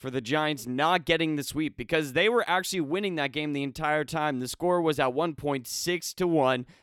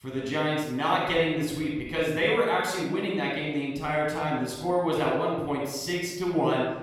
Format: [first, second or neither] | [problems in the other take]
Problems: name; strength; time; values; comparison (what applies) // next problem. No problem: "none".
first | room echo; noticeable; dies away in 0.9 s // off-mic speech; far